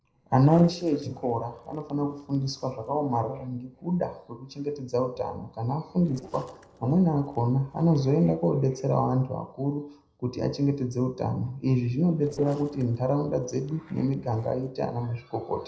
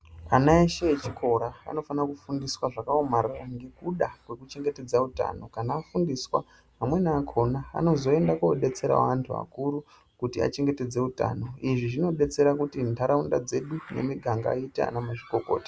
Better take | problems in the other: second | noise reduction (neural separator model SepFormer DNS4)

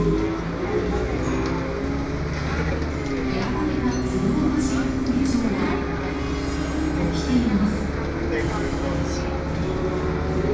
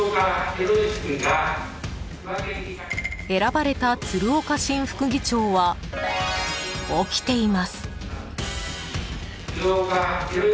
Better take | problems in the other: second | background sound (Bus); 2 dB above the speech // room echo; dies away in 1.2 s

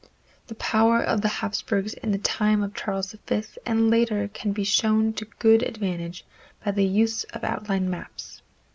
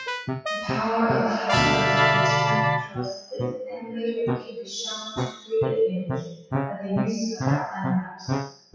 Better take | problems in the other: first | noise reduction (classical method WPE with log-MMSE)

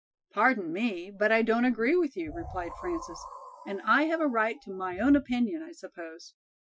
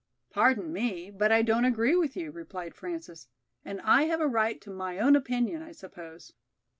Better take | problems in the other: second | noise reduction (classical method Wiener filter)

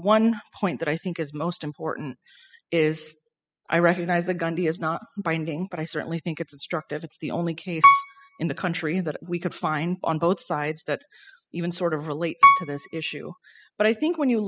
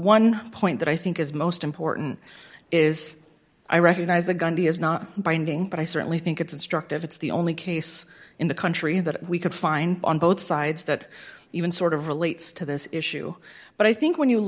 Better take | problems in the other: second | noise reduction (classical method spectral subtraction)

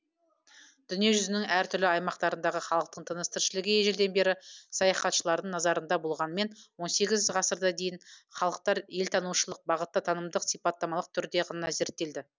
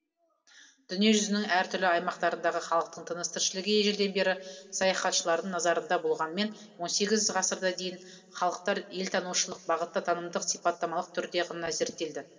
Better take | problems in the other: first | room echo; dies away in 2.1 s

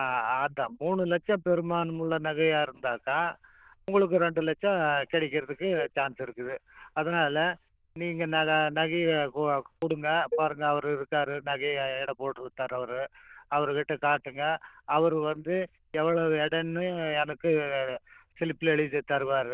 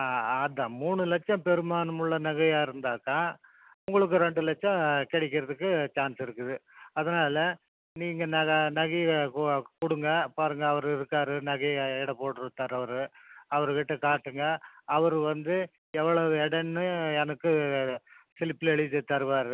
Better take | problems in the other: second | noise reduction (neural diffusion model UNIVERSE++)

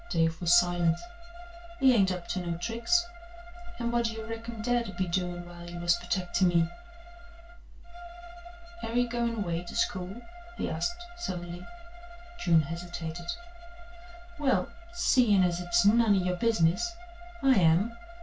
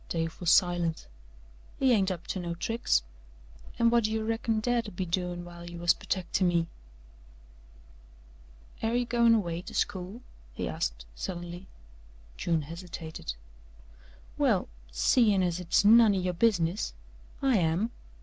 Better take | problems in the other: second | background sound (Bowed string instrument); 18 dB below the speech // room echo; dies away in 0.2 s

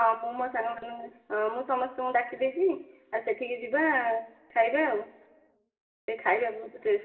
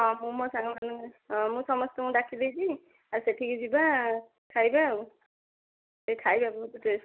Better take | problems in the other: second | room echo; dies away in 1.4 s

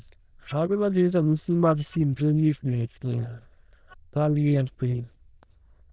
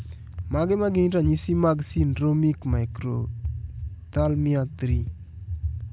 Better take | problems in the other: second | noise reduction (neural diffusion model UNIVERSE++)

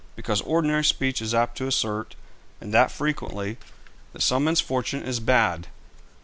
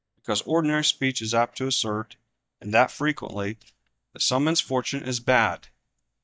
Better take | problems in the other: first | noise reduction (neural mask model DeepFilterNet 3)

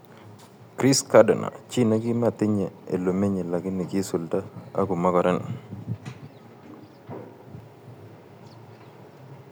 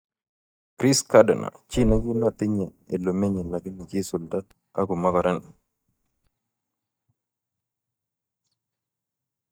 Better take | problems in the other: first | noise reduction (neural mask model DeepFilterNet 3)

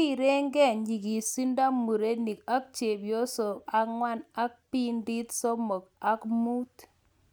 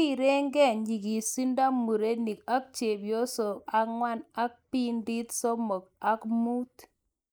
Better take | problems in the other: first | noise reduction (neural mask model Resemble Enhance denoiser)

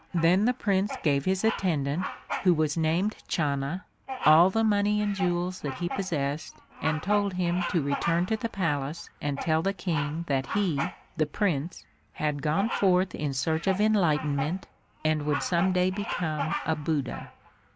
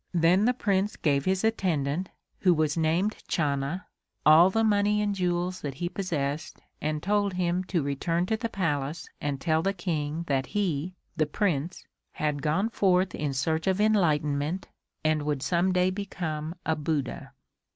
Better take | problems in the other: second | background sound (Bird vocalization, bird call, bird song); 11 dB below the speech

